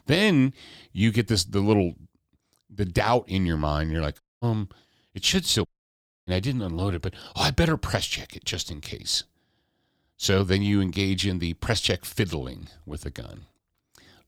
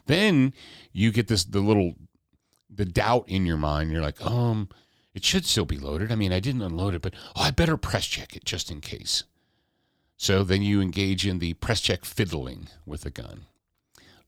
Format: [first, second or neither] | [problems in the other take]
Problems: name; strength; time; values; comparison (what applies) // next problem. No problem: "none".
second | audio cutting out; at 4 s and at 5.5 s for 0.5 s